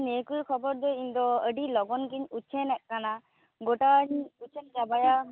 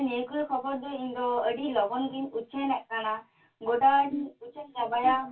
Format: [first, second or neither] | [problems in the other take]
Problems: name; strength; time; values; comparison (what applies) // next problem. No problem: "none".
first | room echo; dies away in 0.2 s